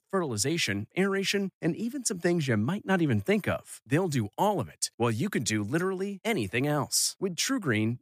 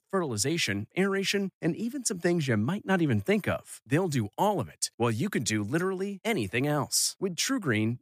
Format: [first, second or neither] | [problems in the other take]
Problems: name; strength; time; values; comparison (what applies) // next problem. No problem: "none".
neither | none